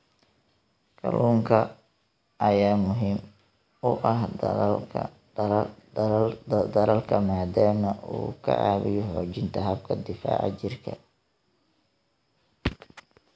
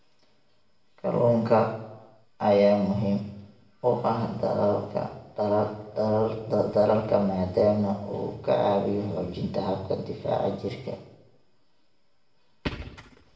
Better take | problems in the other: first | room echo; dies away in 0.7 s

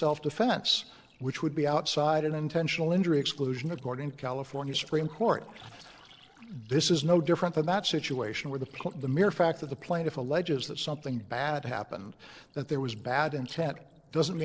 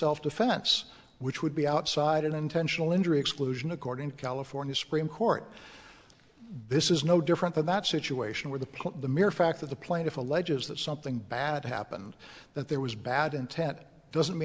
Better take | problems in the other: second | noise reduction (neural separator model SepFormer DNS4)

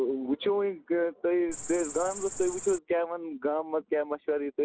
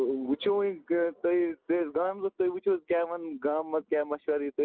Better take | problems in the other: second | background sound (Cricket); 9 dB below the speech

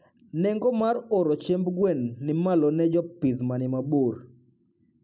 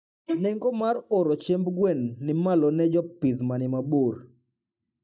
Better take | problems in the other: first | noise reduction (neural mask model DeepFilterNet 3)

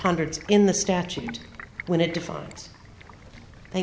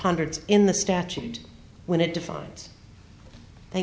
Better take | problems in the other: second | background sound (Stream); 19 dB below the speech

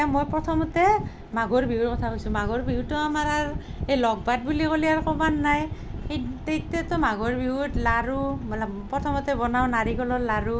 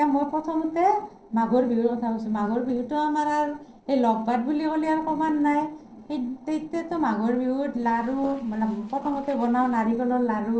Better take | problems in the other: first | noise reduction (neural separator model SepFormer DNS4)

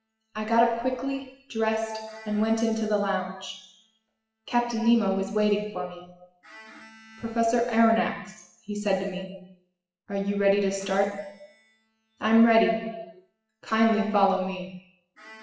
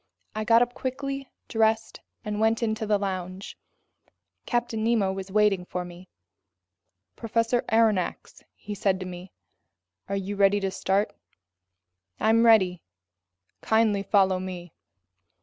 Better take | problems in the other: second | noise reduction (classical method WPE with log-MMSE)

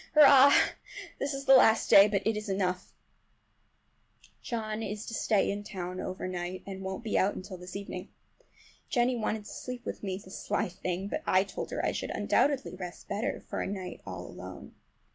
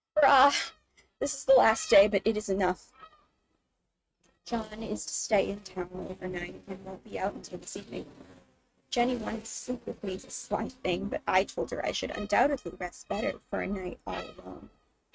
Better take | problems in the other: first | noise reduction (neural mask model RNNoise)

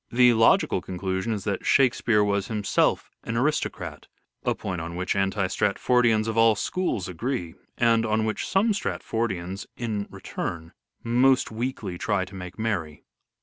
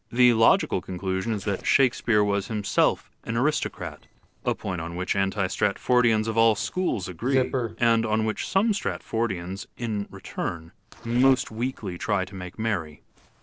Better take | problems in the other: first | noise reduction (neural separator model SepFormer DNS4)

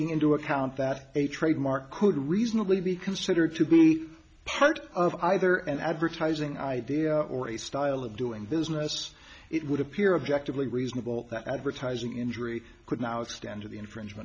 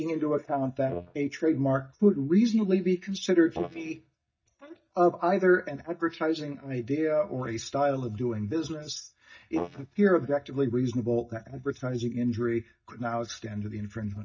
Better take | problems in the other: first | noise reduction (neural mask model DeepFilterNet 3)

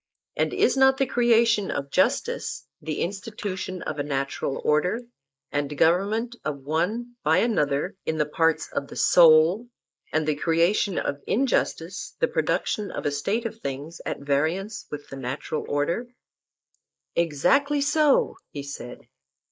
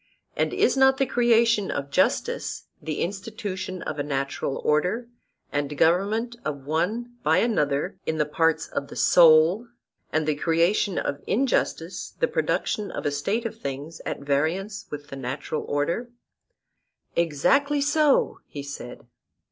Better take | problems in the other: second | noise reduction (neural mask model Resemble Enhance denoiser)

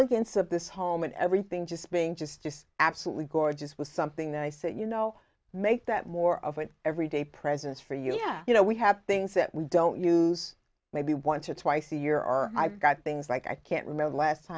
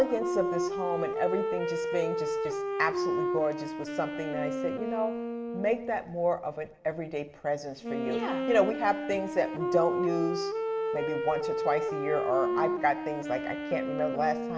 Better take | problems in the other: first | background sound (Wind instrument, woodwind instrument); 1 dB below the speech // room echo; dies away in 1.6 s

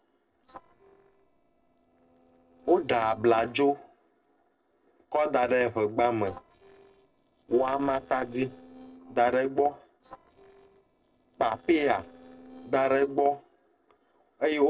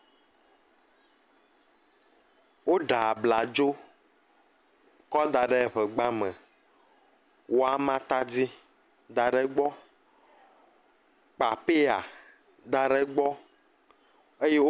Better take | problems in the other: second | noise reduction (neural separator model SepFormer DNS4)

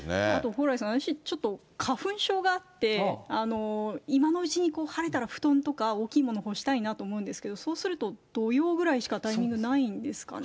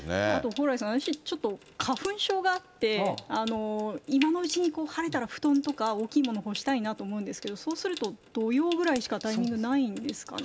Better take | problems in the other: first | background sound (Trickle, dribble / Sink (filling or washing) / Water tap, faucet); 17 dB below the speech

